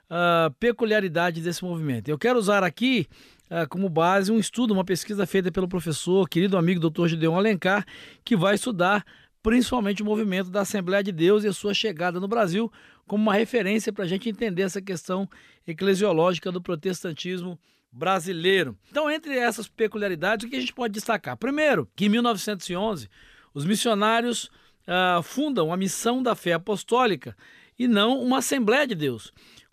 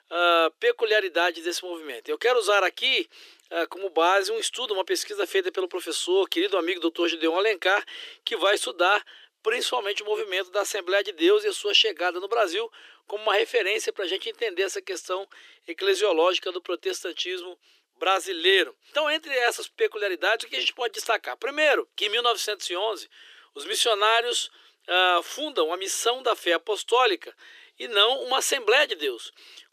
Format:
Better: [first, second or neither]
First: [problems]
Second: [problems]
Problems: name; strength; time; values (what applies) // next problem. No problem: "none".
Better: first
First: none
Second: thin; very; fading below 350 Hz